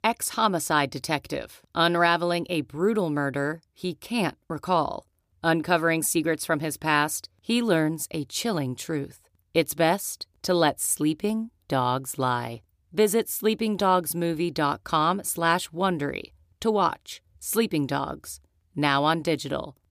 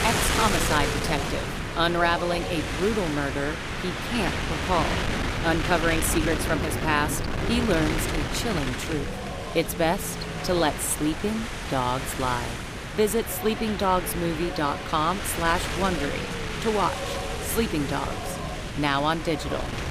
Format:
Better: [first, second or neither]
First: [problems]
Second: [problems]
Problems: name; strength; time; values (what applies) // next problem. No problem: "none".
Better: first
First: none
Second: wind noise on the microphone; heavy; 3 dB below the speech